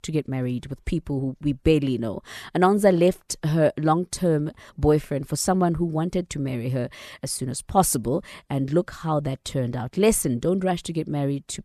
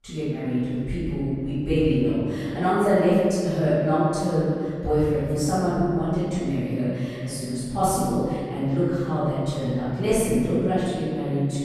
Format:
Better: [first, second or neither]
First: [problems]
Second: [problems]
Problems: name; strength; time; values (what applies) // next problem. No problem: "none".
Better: first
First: none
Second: off-mic speech; far // room echo; strong; dies away in 2.1 s